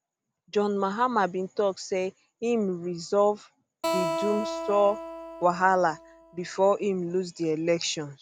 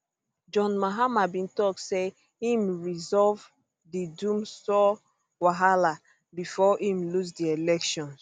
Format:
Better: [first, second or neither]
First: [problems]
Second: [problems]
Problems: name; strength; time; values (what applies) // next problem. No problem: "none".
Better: second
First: background sound (Acoustic guitar); 7 dB below the speech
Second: none